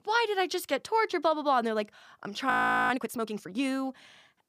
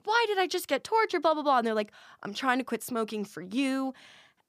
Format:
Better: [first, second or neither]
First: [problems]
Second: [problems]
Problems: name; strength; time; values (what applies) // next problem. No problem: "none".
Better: second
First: audio freezing; at 2.5 s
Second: none